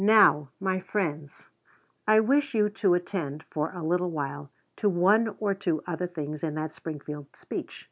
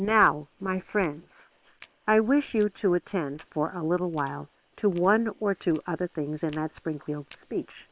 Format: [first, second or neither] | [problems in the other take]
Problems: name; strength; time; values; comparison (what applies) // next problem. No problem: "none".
first | noise reduction (neural separator model SepFormer WHAM!)